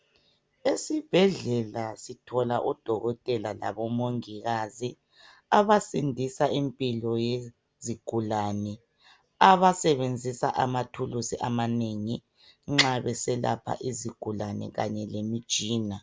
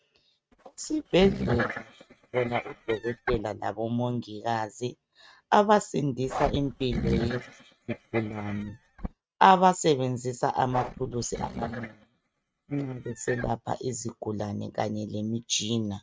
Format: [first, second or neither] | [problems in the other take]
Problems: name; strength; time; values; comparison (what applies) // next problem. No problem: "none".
first | noise reduction (neural mask model RNNoise)